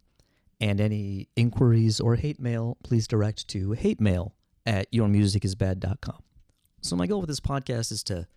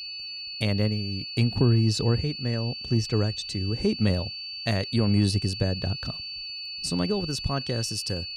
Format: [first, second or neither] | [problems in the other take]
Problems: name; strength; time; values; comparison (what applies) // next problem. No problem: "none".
first | high-pitched whine; loud; throughout; 4.5 kHz, 7 dB below the speech